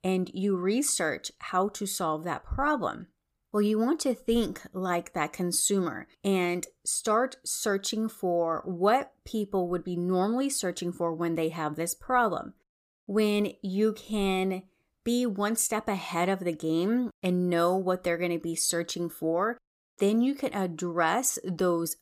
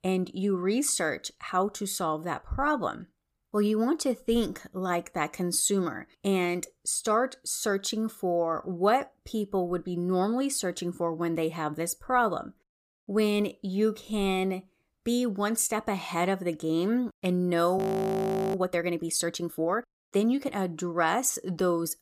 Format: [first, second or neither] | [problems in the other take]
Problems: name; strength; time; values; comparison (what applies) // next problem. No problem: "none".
first | audio freezing; at 18 s for 1 s